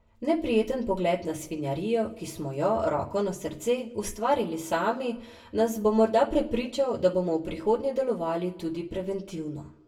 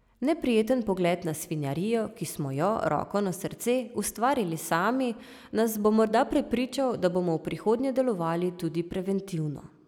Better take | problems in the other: second | room echo; dies away in 0.3 s

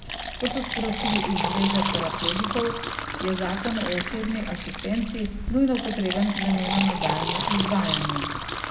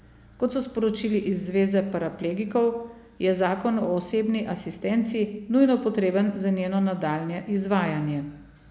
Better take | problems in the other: second | background sound (Fill (with liquid)); 2 dB below the speech // room echo; dies away in 0.4 s

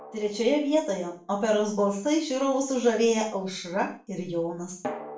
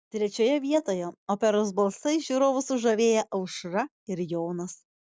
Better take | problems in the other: second | background sound (Drum); 18 dB below the speech // room echo; dies away in 0.4 s

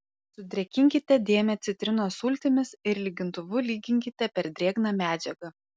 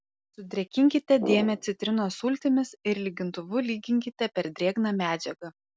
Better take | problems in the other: first | background sound (Brass instrument); 8 dB below the speech

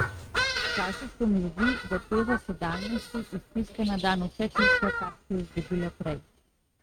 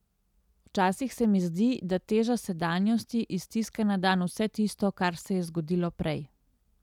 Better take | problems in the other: second | noise reduction (neural mask model RNNoise)

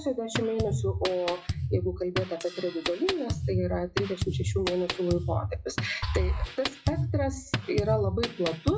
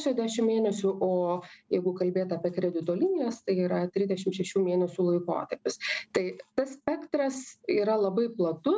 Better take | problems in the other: second | noise reduction (classical method WPE with log-MMSE)

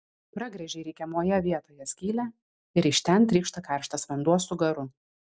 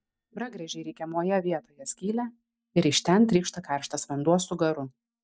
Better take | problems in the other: first | noise reduction (neural mask model DeepFilterNet 3)

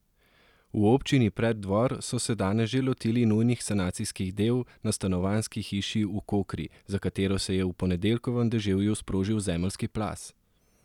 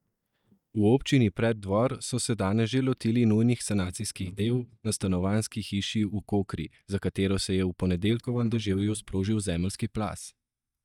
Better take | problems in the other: first | noise reduction (neural mask model DeepFilterNet 3)

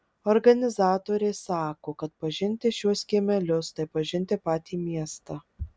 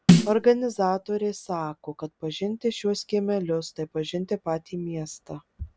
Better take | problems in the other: first | background sound (Snare drum); 5 dB above the speech

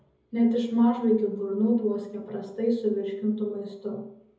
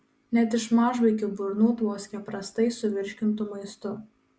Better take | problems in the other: second | room echo; dies away in 0.7 s

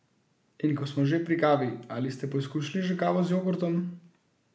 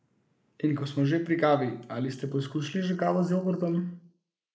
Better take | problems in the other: first | noise reduction (neural mask model Resemble Enhance denoiser)

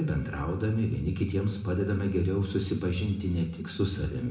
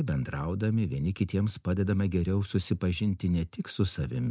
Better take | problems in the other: second | room echo; dies away in 0.8 s

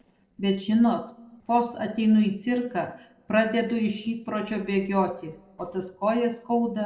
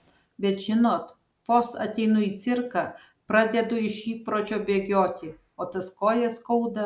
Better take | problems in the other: second | noise reduction (neural separator model SepFormer DNS4)

